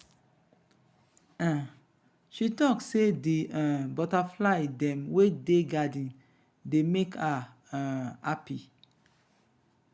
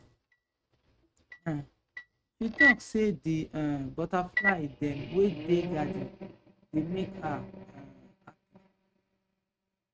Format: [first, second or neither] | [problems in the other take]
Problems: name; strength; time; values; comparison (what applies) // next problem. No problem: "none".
first | noise reduction (neural mask model RNNoise)